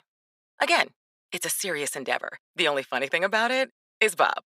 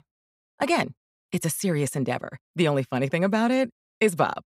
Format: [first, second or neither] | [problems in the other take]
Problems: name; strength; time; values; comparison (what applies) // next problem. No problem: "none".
second | thin; very; fading below 550 Hz